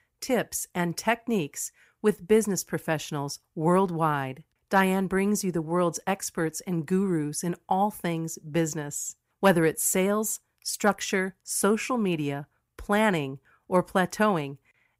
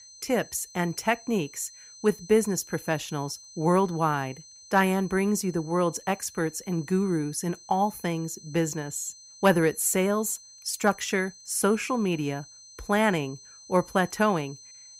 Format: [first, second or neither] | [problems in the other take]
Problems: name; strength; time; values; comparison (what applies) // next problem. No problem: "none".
first | high-pitched whine; noticeable; throughout; 6 kHz, 20 dB below the speech